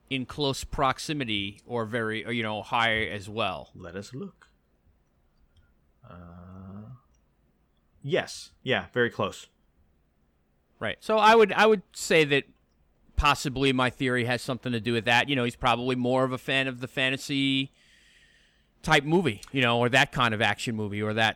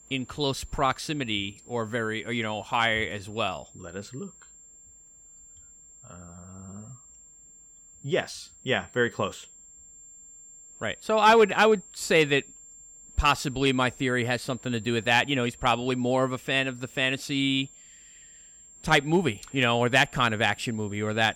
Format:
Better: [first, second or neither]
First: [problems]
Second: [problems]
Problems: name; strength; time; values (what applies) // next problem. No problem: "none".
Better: first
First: none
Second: high-pitched whine; faint; throughout; 7.5 kHz, 25 dB below the speech